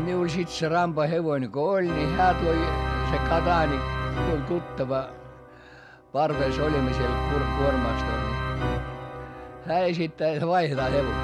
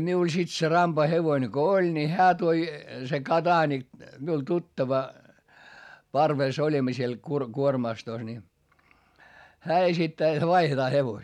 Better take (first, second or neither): second